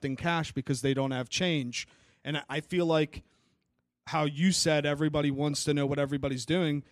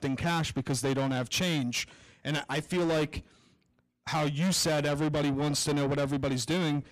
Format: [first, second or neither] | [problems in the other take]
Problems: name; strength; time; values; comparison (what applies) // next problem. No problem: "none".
first | distortion; heavy; 7 dB below the speech